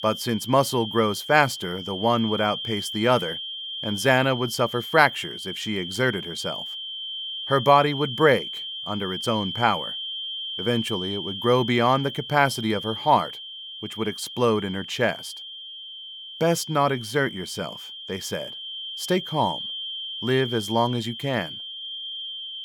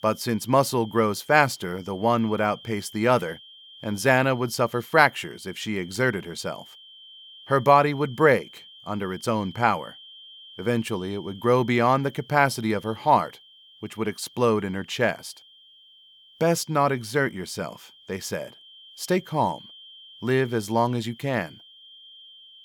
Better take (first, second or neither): second